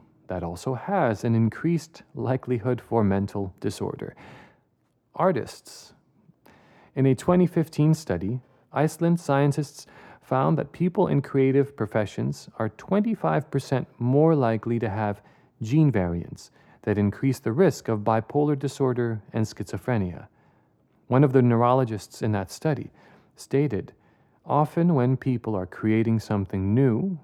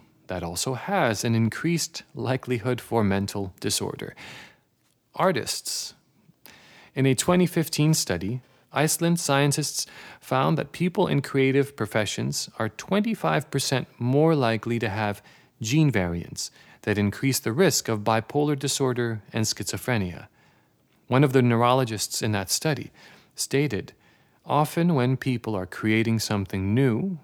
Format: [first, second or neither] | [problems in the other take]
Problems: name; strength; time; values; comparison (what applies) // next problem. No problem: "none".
second | muffled; slightly; fading above 2 kHz